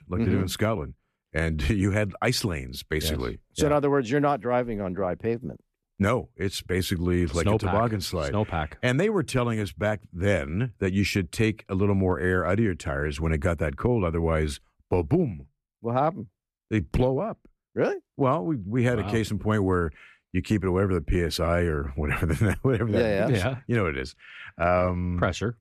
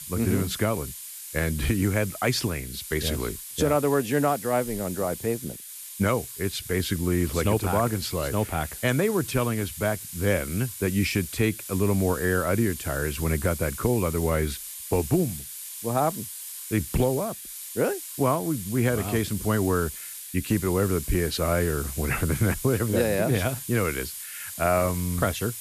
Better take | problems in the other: first | hiss; loud; throughout; 9 dB below the speech

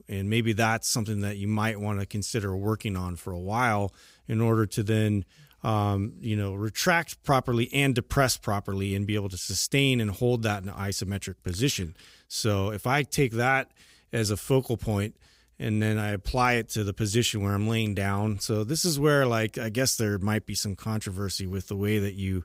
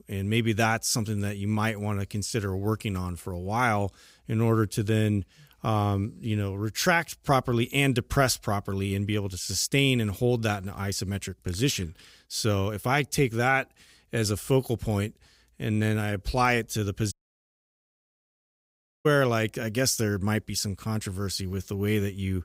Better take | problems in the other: first | audio cutting out; at 17 s for 2 s

